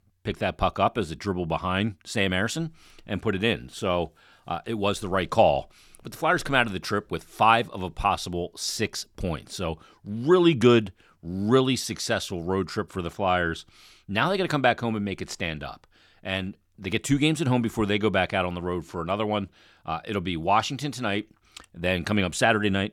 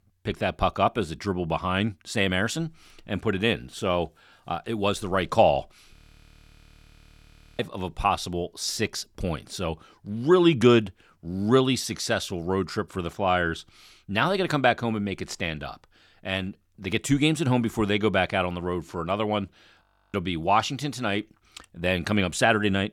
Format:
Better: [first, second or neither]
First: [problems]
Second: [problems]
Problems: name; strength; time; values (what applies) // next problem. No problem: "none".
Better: first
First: none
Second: audio freezing; at 6 s for 1.5 s and at 20 s